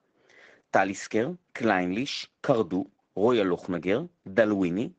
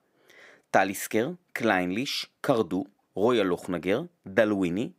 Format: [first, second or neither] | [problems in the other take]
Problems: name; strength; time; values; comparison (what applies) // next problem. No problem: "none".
second | garbled, watery; slightly; nothing above 7 kHz